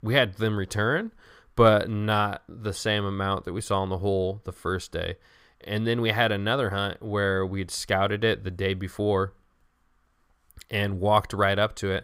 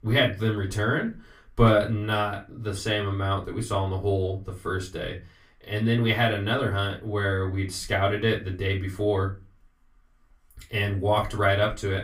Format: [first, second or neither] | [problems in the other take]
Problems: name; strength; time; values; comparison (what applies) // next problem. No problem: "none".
first | off-mic speech; far // room echo; very slight; dies away in 0.2 s